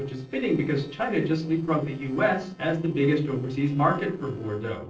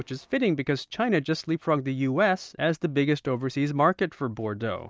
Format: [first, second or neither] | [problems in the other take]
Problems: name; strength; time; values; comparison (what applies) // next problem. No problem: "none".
second | noise reduction (neural separator model SepFormer DNS4)